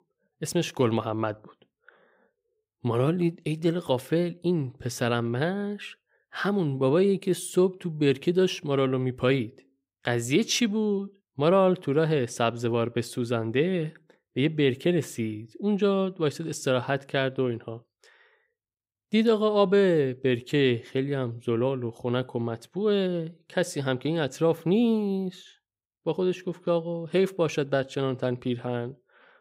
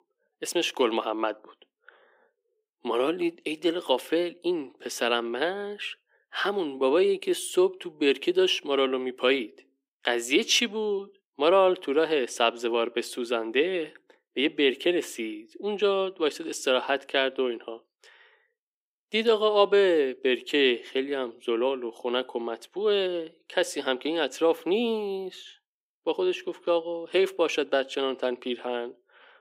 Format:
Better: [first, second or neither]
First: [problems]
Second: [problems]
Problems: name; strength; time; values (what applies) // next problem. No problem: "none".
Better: first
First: none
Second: thin; somewhat; fading below 300 Hz